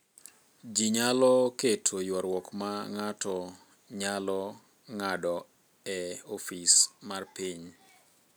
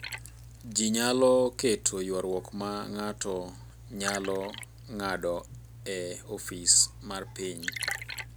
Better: first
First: none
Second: background sound (Liquid); 12 dB below the speech

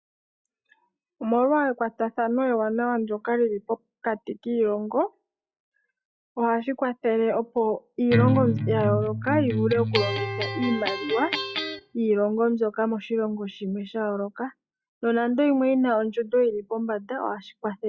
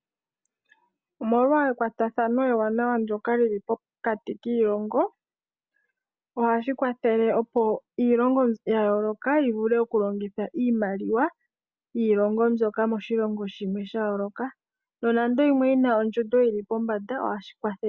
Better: second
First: noise reduction (classical method log-MMSE)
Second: none

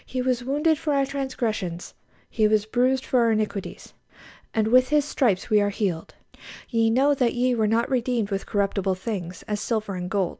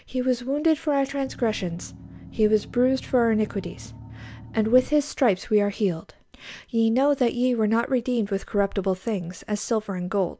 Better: first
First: none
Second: background sound (Engine); 16 dB below the speech

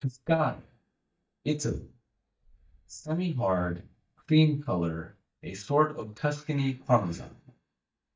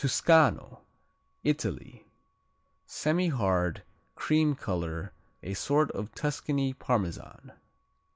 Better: second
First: noise reduction (neural mask model DeepFilterNet 3)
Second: none

